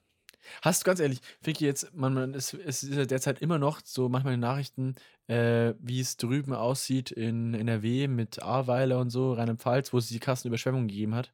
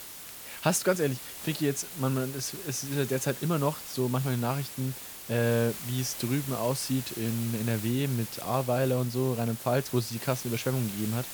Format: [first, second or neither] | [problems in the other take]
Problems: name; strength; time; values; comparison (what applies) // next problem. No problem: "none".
first | hiss; loud; throughout; 9 dB below the speech